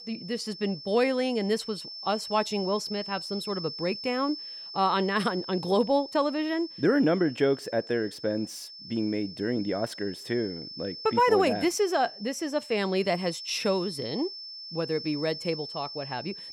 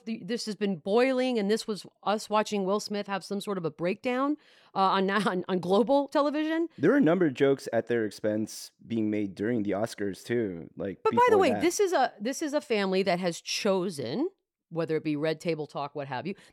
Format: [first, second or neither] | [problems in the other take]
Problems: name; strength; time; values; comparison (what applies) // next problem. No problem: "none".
second | high-pitched whine; noticeable; throughout; 5.5 kHz, 10 dB below the speech